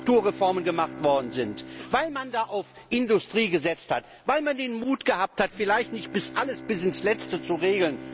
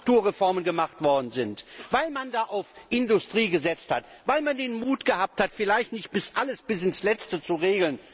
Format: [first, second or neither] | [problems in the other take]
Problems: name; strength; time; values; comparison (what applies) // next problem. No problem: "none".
second | background sound (Bowed string instrument); 16 dB below the speech